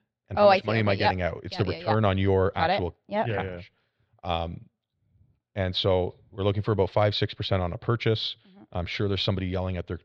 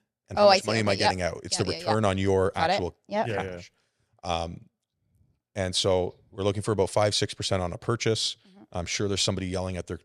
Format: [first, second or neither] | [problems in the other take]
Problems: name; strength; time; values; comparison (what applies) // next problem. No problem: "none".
second | muffled; slightly; fading above 4 kHz